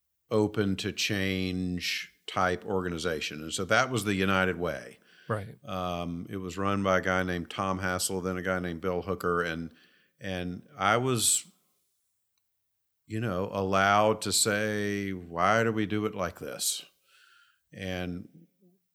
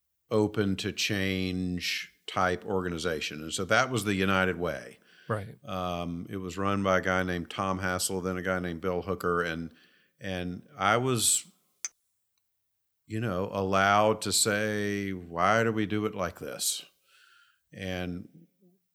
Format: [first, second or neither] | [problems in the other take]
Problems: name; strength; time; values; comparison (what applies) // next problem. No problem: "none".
first | clattering dishes; very faint; at 12 s; peak 10 dB below the speech